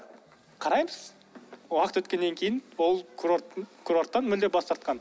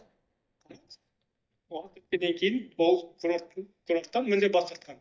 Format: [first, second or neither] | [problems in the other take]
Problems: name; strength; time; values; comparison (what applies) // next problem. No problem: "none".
first | noise reduction (neural mask model DeepFilterNet 3)